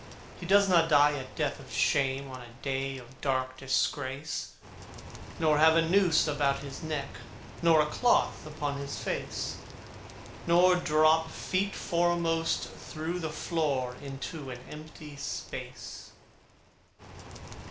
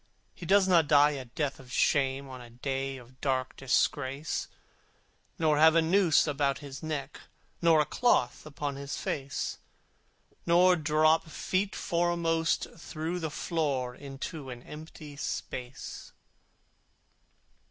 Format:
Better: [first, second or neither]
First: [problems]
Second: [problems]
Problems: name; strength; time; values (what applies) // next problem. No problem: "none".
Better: second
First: background sound (Rain); 15 dB below the speech // room echo; dies away in 0.4 s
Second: none